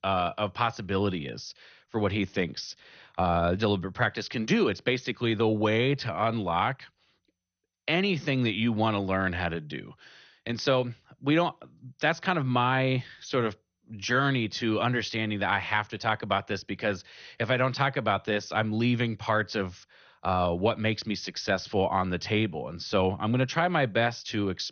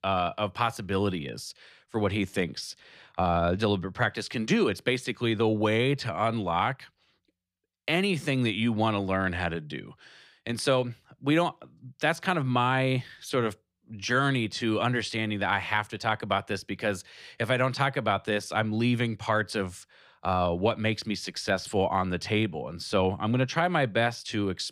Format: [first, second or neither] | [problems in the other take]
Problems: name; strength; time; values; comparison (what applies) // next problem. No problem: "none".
second | garbled, watery; slightly; nothing above 6 kHz